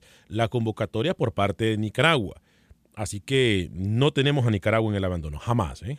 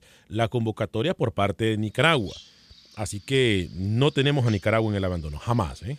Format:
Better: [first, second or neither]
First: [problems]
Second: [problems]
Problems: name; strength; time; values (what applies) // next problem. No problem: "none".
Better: first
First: none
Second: animal sounds; faint; from 2 s on; 25 dB below the speech